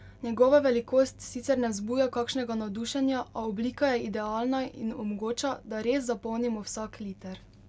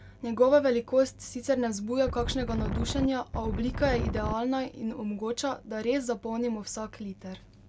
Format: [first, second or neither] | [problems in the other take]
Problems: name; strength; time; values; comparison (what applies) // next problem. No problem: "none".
first | background sound (Wind); 3 dB below the speech